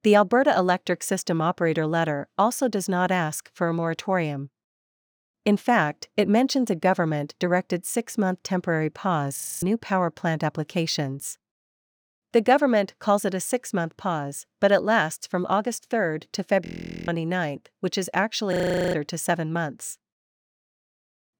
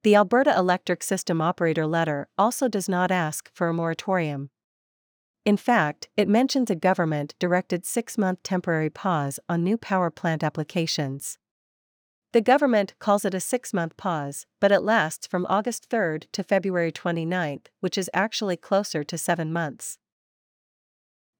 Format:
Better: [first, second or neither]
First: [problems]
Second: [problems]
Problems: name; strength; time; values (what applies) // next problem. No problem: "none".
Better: second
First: audio freezing; at 9.5 s, at 17 s and at 19 s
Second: none